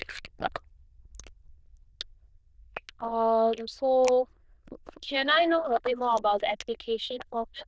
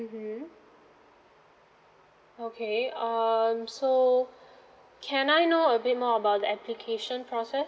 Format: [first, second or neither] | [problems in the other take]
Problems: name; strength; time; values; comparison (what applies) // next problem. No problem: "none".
second | noise reduction (neural diffusion model UNIVERSE++)